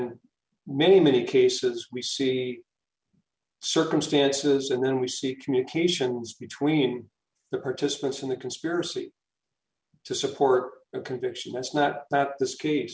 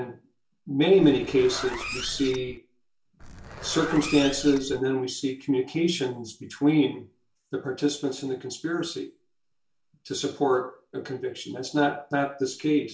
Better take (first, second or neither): first